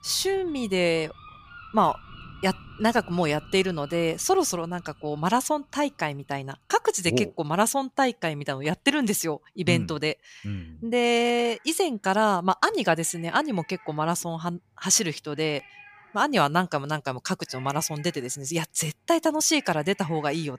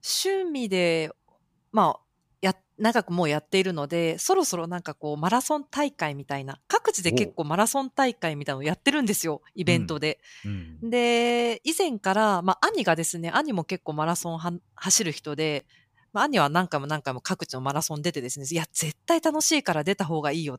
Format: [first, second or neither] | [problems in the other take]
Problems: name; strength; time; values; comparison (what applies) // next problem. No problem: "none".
second | animal sounds; faint; throughout; 20 dB below the speech